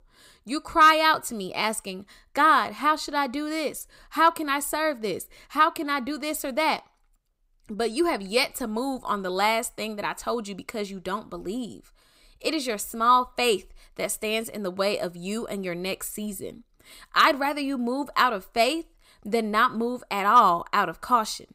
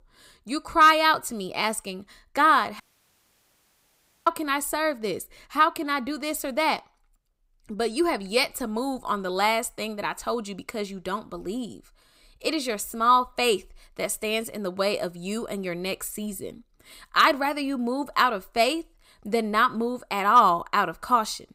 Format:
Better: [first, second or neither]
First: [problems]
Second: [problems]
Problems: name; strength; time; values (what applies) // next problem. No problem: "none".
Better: first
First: none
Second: audio cutting out; at 3 s for 1.5 s